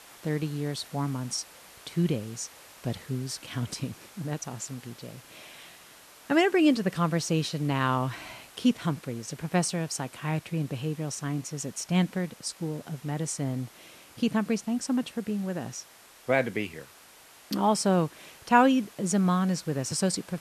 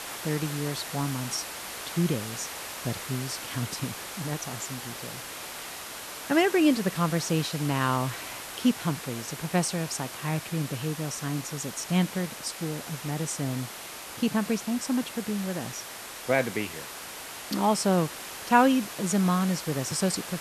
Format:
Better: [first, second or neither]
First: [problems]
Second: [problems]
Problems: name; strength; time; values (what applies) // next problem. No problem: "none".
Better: first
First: hiss; faint; throughout; 20 dB below the speech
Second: hiss; loud; throughout; 8 dB below the speech